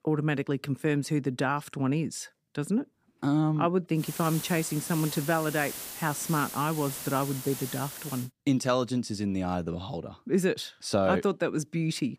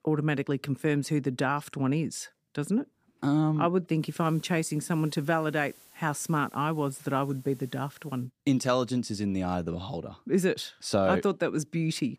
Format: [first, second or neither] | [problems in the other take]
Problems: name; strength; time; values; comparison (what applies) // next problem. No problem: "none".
second | hiss; loud; from 4 to 8 s; 8 dB below the speech; faint in the second